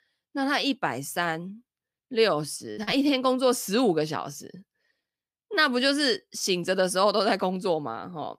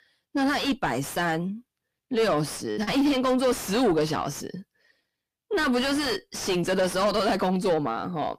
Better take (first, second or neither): first